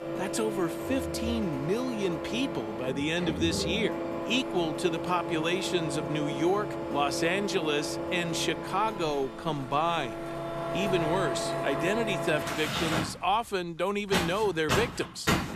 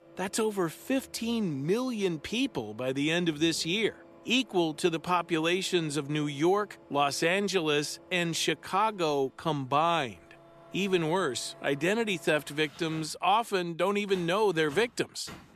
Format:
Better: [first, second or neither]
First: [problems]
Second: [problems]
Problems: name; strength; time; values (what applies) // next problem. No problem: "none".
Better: second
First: household noises; loud; throughout; 3 dB below the speech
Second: household noises; faint; throughout; 25 dB below the speech